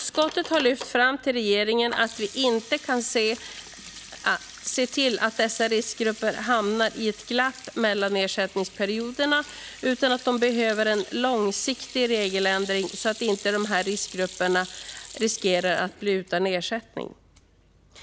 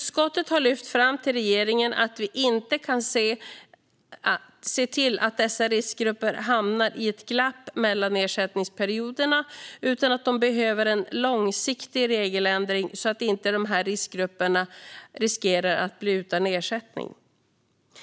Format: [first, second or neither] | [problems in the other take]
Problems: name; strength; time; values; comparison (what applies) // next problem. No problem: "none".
second | background sound (Sink (filling or washing) / Hands); 17 dB below the speech